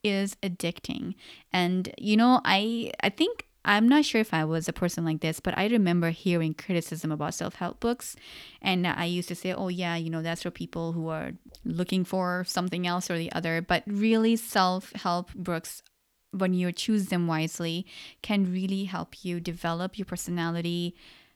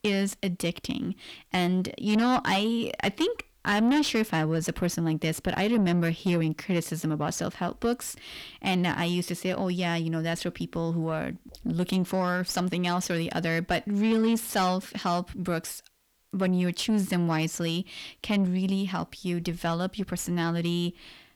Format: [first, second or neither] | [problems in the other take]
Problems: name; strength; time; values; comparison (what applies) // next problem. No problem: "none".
first | distortion; slight; 10 dB below the speech